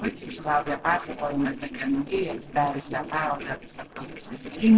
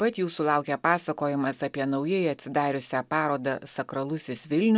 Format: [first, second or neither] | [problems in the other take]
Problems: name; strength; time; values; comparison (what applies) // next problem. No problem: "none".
second | noise reduction (neural separator model SepFormer DNS4)